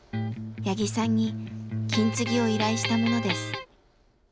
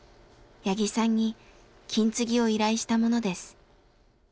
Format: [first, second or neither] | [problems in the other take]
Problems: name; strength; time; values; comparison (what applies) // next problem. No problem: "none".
second | background sound (Electric guitar); 3 dB below the speech